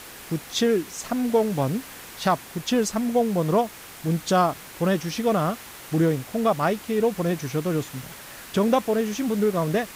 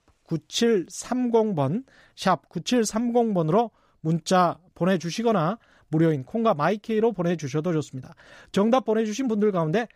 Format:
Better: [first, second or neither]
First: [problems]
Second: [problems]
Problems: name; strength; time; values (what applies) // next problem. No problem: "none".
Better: second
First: hiss; noticeable; throughout; 15 dB below the speech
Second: none